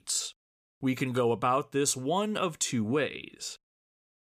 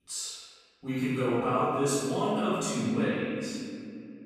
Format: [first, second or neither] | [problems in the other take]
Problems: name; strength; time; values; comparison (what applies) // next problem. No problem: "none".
first | room echo; strong; dies away in 2.4 s // off-mic speech; far